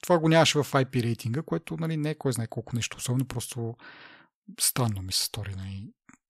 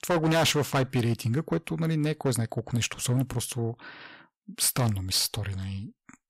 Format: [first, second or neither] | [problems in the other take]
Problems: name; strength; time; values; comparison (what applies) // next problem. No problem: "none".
first | distortion; heavy; 8% of the sound clipped